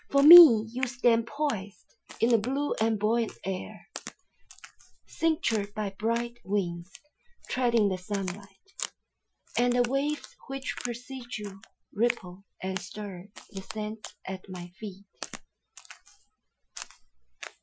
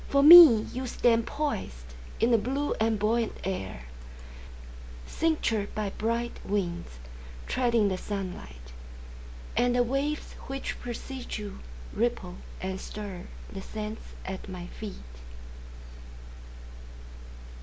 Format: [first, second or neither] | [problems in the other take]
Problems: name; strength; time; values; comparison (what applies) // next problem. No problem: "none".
second | noise reduction (classical method Wiener filter)